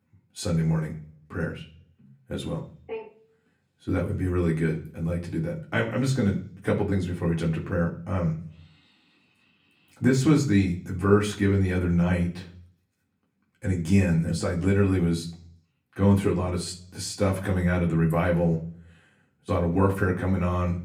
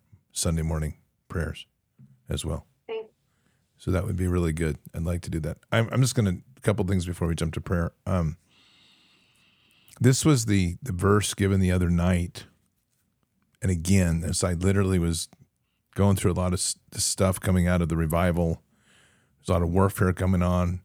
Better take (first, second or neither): second